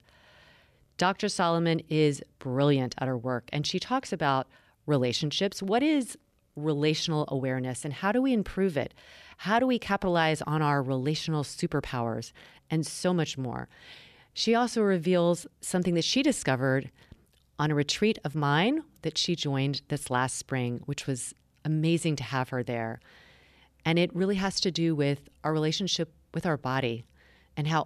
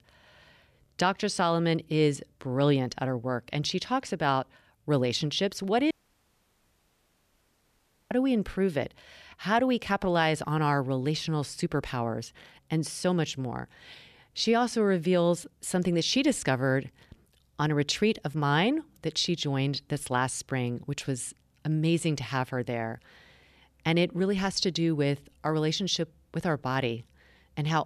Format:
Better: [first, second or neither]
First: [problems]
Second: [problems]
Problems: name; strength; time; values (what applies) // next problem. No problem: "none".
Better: first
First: none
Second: audio cutting out; at 6 s for 2 s